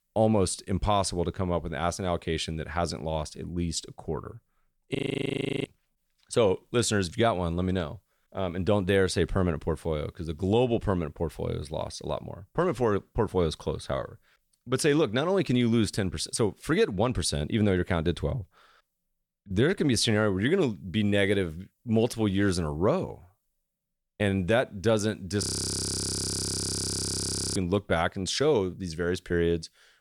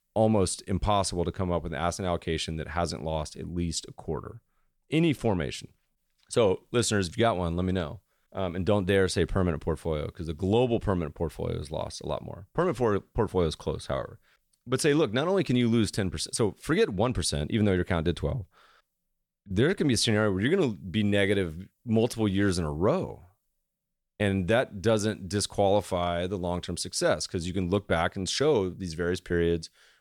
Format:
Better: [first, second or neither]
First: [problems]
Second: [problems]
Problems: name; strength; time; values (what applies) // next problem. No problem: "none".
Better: second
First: audio freezing; at 5 s for 0.5 s and at 25 s for 2 s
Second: none